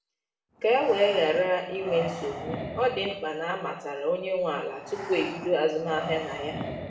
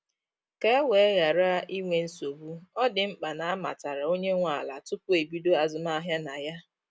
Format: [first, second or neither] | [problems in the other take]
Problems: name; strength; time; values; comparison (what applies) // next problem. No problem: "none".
second | background sound (Breathing); 11 dB below the speech // room echo; dies away in 0.8 s